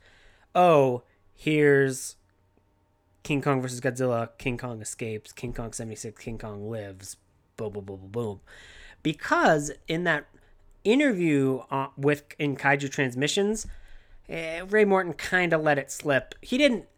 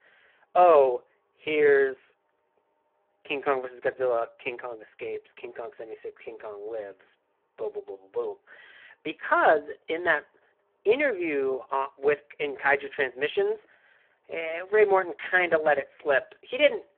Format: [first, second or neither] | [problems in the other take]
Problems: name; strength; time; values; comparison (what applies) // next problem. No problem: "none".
first | phone-call audio; poor line